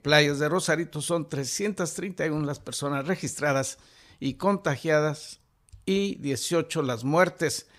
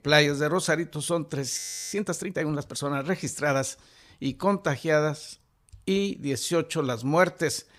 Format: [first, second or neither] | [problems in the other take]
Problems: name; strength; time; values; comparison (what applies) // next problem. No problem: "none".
first | audio freezing; at 1.5 s